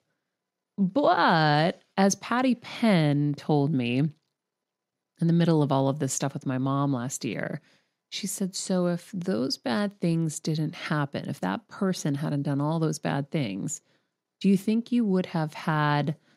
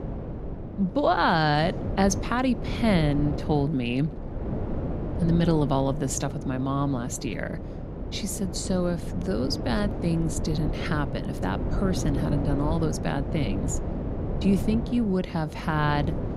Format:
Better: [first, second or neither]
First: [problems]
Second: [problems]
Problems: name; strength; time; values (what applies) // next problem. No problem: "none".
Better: first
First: none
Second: wind noise on the microphone; heavy; 9 dB below the speech